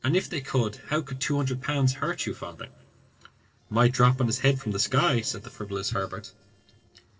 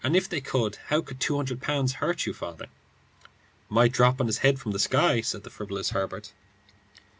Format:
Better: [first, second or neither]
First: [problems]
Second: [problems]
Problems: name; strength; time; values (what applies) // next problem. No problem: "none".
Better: second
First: noise reduction (neural separator model SepFormer DNS4)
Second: none